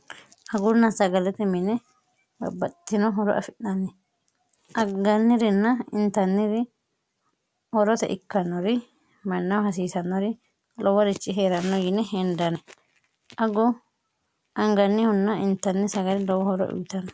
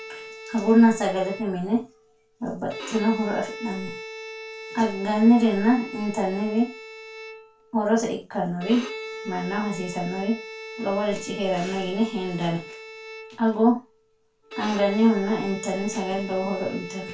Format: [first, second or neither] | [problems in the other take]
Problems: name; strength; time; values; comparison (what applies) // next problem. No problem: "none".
first | background sound (Bowed string instrument); 13 dB below the speech // room echo; dies away in 0.2 s